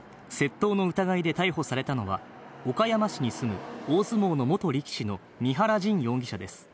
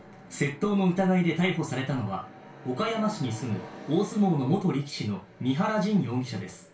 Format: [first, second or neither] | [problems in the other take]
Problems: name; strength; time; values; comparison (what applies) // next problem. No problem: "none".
first | room echo; dies away in 0.3 s